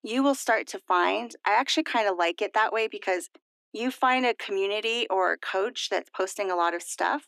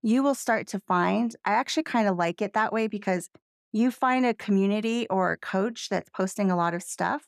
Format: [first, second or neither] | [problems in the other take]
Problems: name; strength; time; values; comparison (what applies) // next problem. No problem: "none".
second | thin; somewhat; fading below 250 Hz